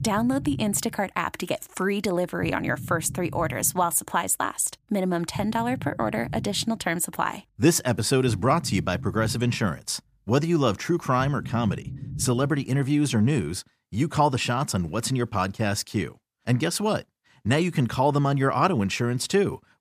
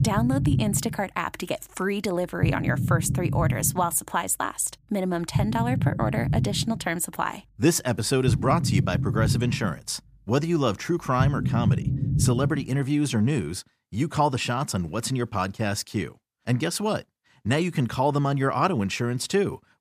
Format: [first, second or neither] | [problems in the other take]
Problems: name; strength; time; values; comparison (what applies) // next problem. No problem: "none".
first | low rumble; loud; until 13 s; 10 dB below the speech; faint in the first